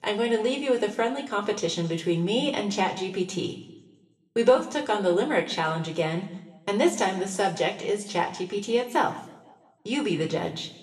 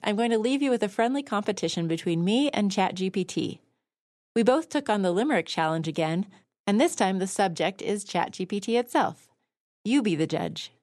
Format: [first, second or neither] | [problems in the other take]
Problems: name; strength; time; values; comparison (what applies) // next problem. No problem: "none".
second | room echo; slight; dies away in 0.7 s // off-mic speech; somewhat distant